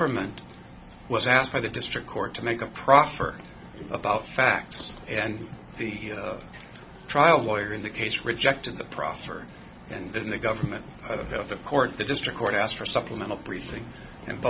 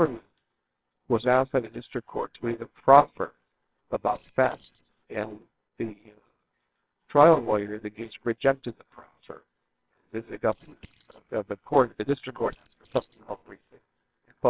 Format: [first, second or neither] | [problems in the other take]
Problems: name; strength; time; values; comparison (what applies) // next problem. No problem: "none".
first | noise reduction (neural separator model SepFormer WHAMR!)